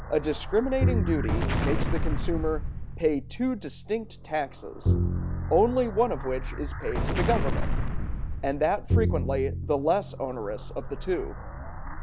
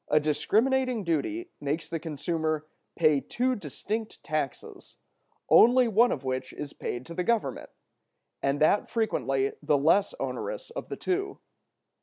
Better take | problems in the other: second | background sound (Explosion + Bowed string instrument); 1 dB above the speech

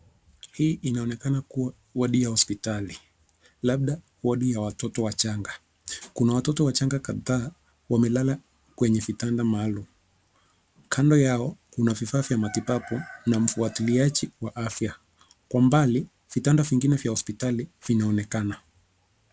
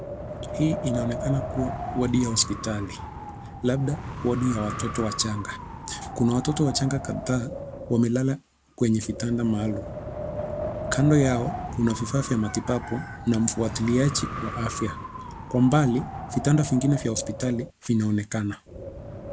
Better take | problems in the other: first | background sound (Wind); 9 dB below the speech

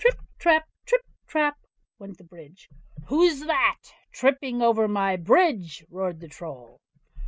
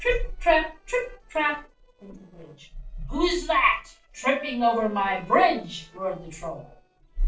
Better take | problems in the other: first | noise reduction (neural separator model SepFormer DNS4)

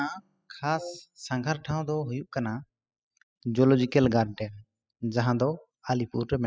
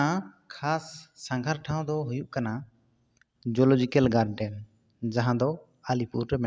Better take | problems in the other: second | noise reduction (classical method spectral subtraction)

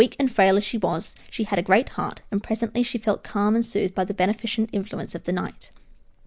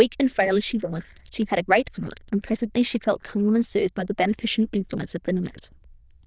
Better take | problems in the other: first | noise reduction (neural diffusion model UNIVERSE++)

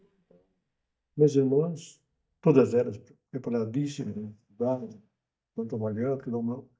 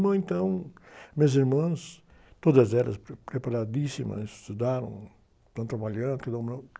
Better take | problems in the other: second | noise reduction (neural mask model DeepFilterNet 3)

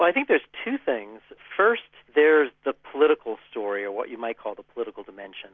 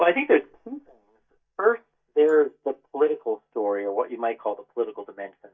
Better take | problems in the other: first | noise reduction (neural mask model DeepFilterNet 3)

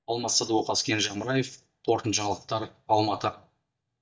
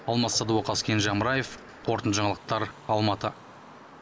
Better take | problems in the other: second | noise reduction (neural mask model DeepFilterNet 3)

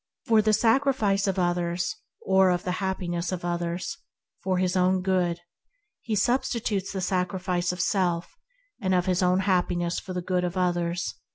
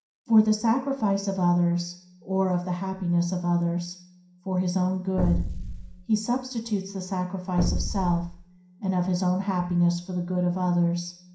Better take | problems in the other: first | background sound (Explosion); 3 dB below the speech // room echo; dies away in 0.5 s

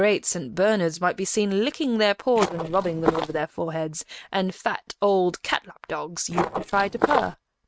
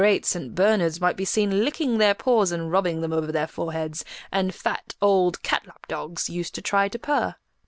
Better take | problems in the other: second | noise reduction (neural mask model RNNoise)

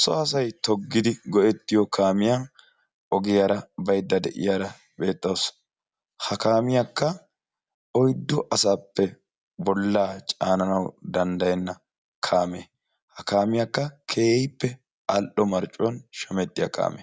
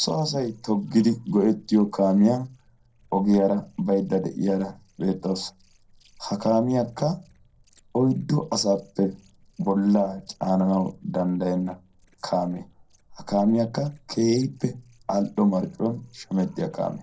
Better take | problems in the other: first | noise reduction (neural separator model SepFormer DNS4)

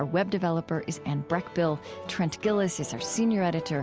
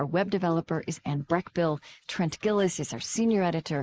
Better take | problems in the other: first | noise reduction (neural mask model Resemble Enhance denoiser)

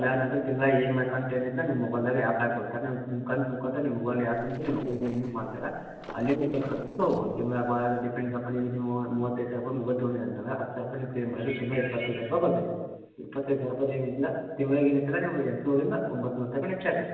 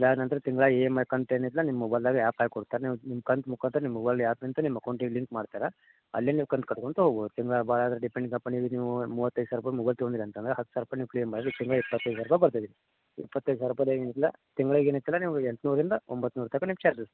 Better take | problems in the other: second | noise reduction (neural separator model SepFormer DNS4)

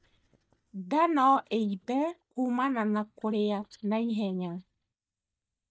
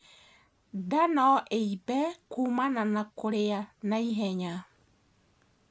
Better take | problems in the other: second | noise reduction (neural mask model DeepFilterNet 3)

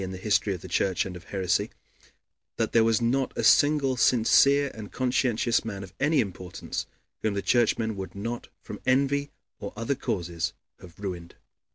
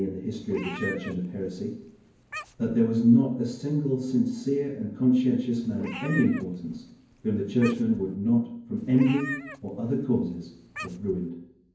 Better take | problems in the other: first | background sound (Meow); 15 dB below the speech // room echo; dies away in 0.9 s

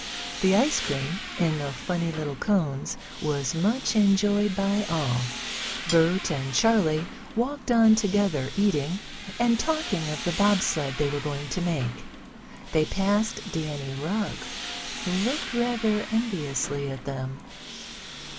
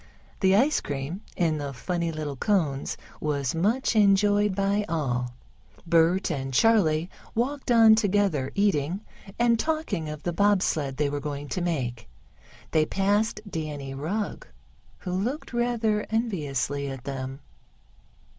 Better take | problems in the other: second | background sound (Tools + Cutlery, silverware); 11 dB below the speech

